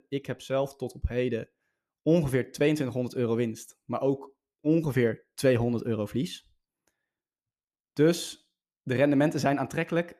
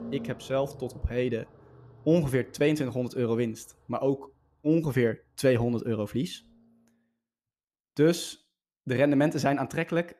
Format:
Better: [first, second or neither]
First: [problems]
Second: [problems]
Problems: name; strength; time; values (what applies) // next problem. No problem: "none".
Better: first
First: none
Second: traffic noise; faint; until 7 s; 20 dB below the speech